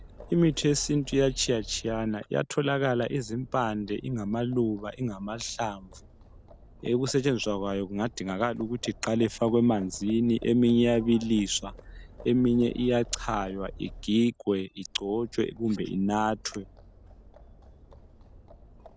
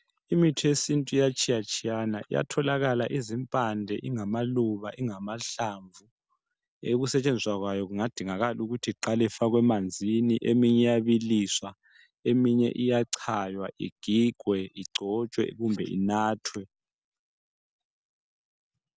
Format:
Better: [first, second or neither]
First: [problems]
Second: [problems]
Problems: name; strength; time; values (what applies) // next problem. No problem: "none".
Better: second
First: background sound (Livestock, farm animals, working animals); 19 dB below the speech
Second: none